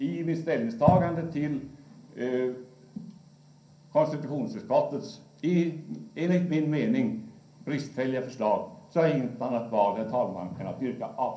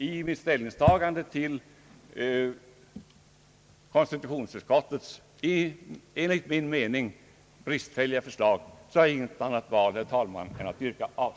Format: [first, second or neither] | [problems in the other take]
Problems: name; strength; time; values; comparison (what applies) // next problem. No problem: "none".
second | room echo; dies away in 0.6 s